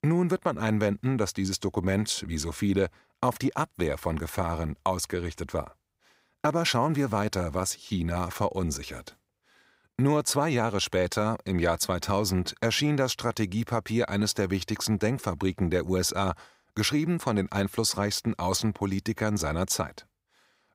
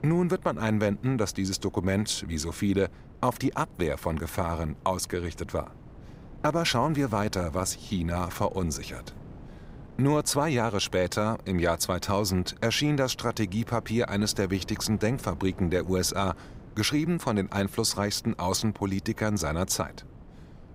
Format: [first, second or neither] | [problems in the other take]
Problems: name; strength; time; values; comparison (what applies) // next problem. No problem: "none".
first | wind noise on the microphone; occasional gusts; 25 dB below the speech